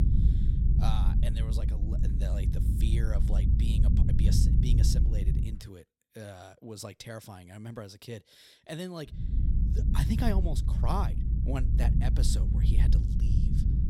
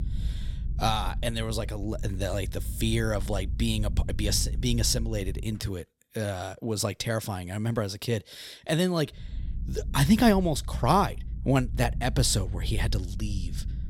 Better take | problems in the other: second | low rumble; loud; until 5.5 s and from 9 s on; 2 dB below the speech; faint in the second

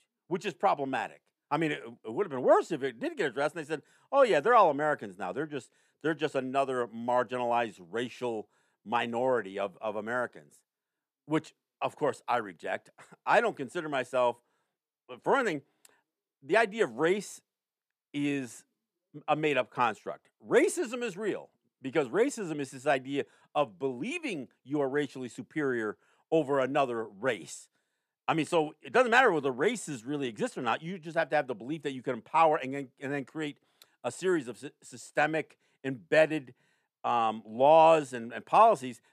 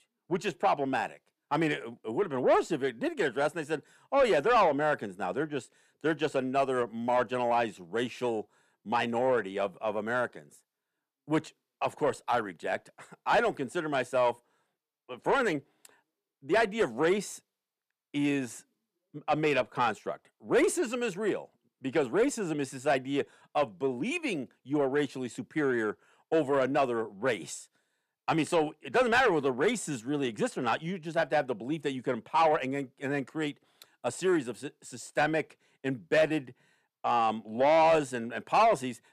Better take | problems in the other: first | distortion; slight; 10 dB below the speech

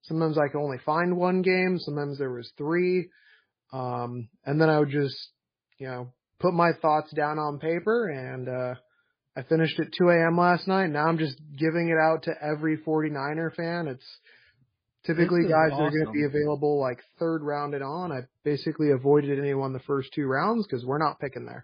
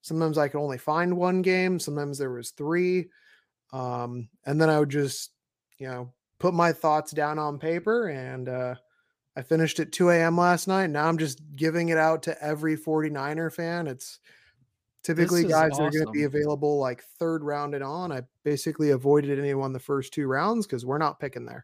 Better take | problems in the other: second | garbled, watery; badly

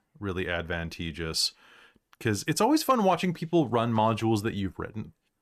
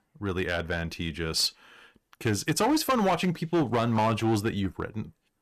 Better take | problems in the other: first | distortion; slight; 7% of the sound clipped

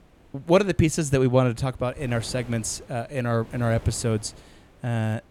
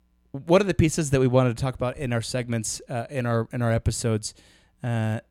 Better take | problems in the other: second | wind noise on the microphone; occasional gusts; 25 dB below the speech

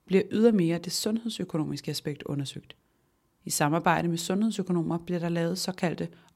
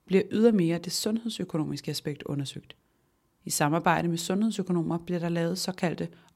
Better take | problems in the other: neither | none

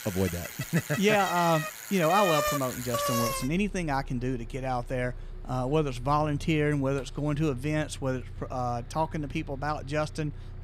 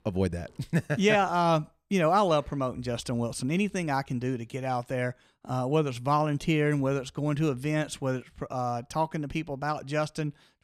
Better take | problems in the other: second | traffic noise; loud; throughout; 7 dB below the speech

